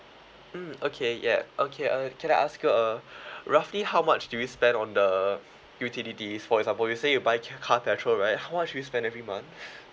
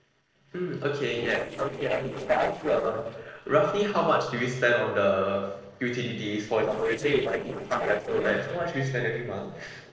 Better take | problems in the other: first | noise reduction (neural separator model SepFormer DNS4)

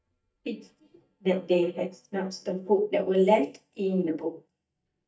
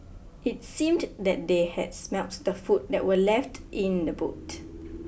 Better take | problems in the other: second | noise reduction (neural mask model DeepFilterNet 3)

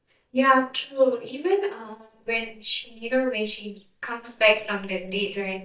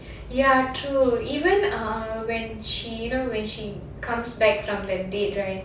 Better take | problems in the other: second | noise reduction (neural mask model DeepFilterNet 3)

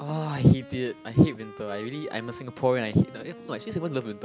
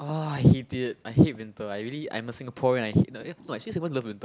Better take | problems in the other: second | background sound (Wind instrument, woodwind instrument); 18 dB below the speech

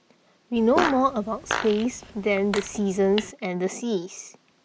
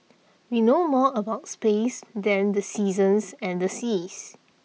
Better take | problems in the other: second | background sound (Fart); 7 dB below the speech

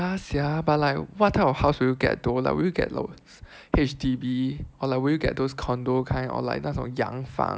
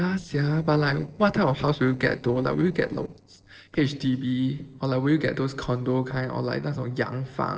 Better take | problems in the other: first | noise reduction (neural separator model SepFormer DNS4)

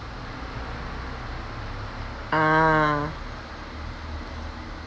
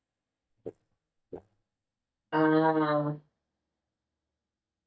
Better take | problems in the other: first | noise reduction (neural mask model DeepFilterNet 3)

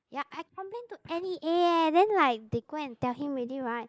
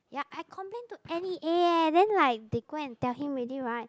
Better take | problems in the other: second | noise reduction (neural mask model Resemble Enhance denoiser)

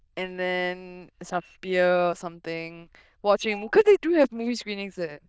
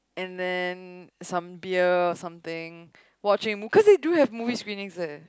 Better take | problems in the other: second | noise reduction (neural diffusion model UNIVERSE++)

